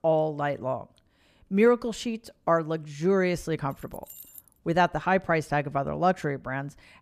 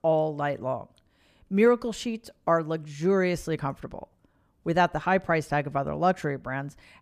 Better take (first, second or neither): second